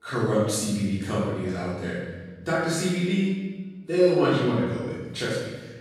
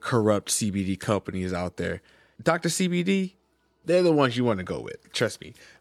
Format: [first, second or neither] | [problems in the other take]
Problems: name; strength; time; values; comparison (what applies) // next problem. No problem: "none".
second | off-mic speech; far // room echo; strong; dies away in 1.2 s